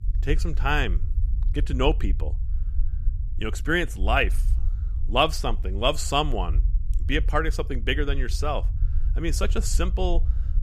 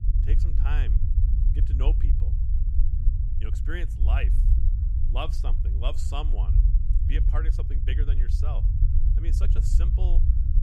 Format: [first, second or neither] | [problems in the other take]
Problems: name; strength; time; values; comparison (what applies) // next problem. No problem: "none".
first | low rumble; loud; throughout; 5 dB below the speech; faint in the first